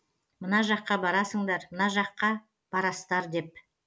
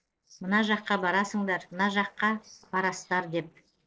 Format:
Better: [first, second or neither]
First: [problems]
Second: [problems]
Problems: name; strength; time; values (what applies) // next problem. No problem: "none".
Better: first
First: none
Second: noise reduction (neural separator model SepFormer DNS4)